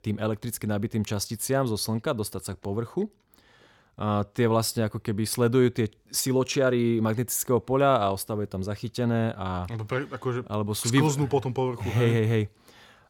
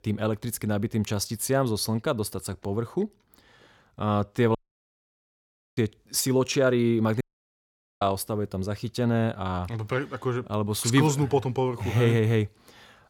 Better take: first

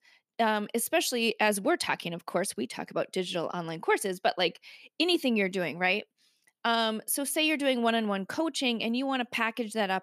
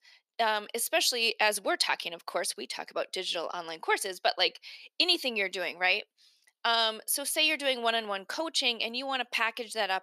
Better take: first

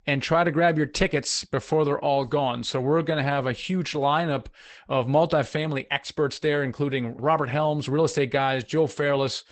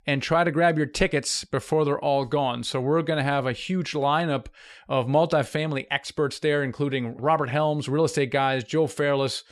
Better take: second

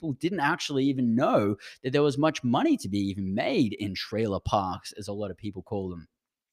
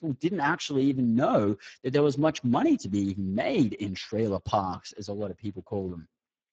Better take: first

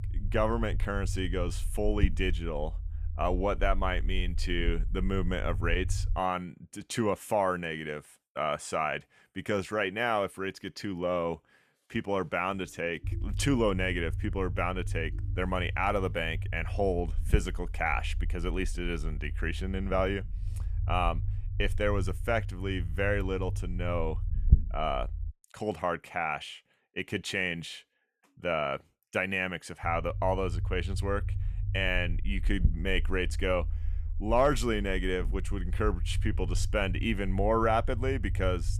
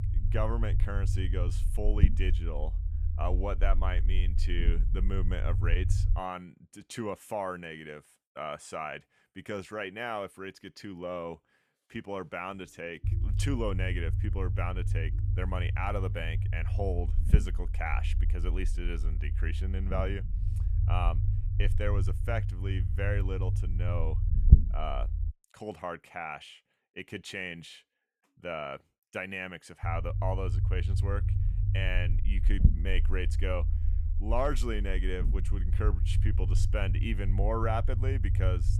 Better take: first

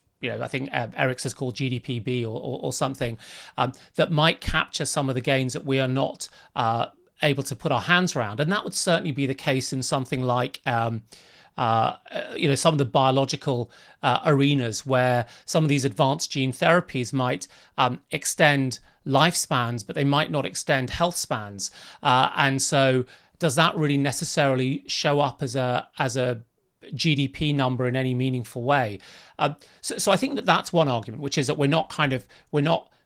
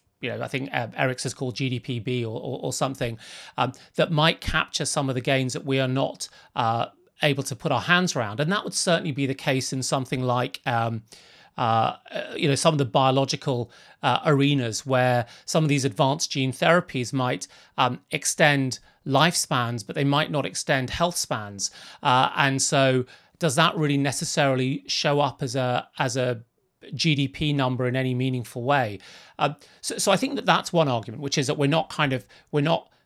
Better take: second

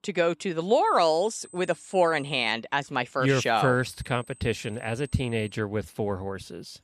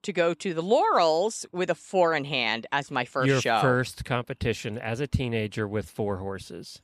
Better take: second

